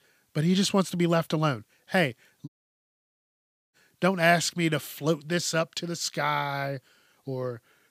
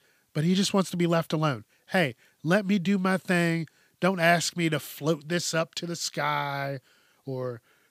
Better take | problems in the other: second | audio cutting out; at 2.5 s for 1.5 s

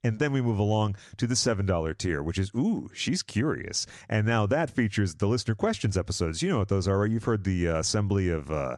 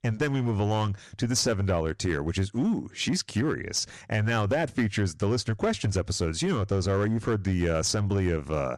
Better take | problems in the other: first | distortion; slight; 7% of the sound clipped

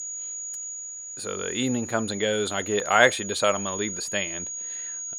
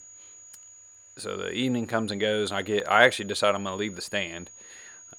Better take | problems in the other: second | high-pitched whine; loud; throughout; 7 kHz, 7 dB below the speech; faint in the second

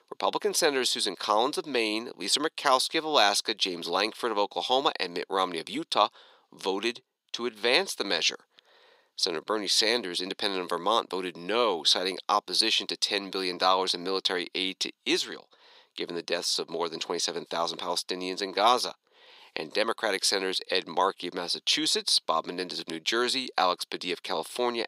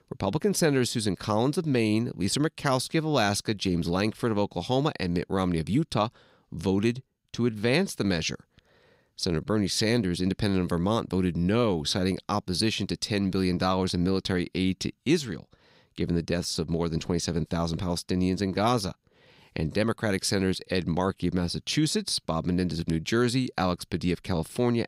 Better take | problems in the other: second | thin; very; fading below 400 Hz

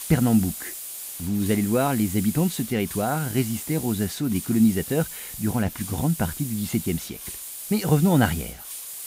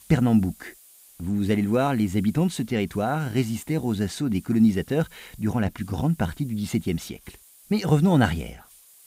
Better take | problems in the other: second | hiss; loud; throughout; 9 dB below the speech; faint in the second

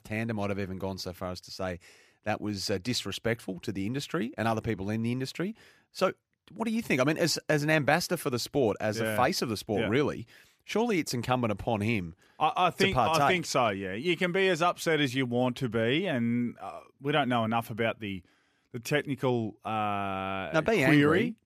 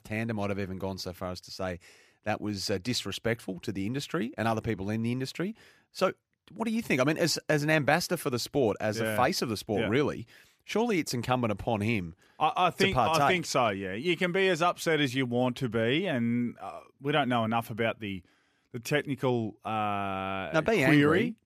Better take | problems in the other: neither | none

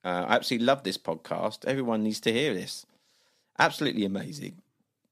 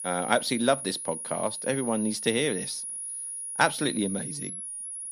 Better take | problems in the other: first | high-pitched whine; loud; throughout; 10.5 kHz, 6 dB below the speech

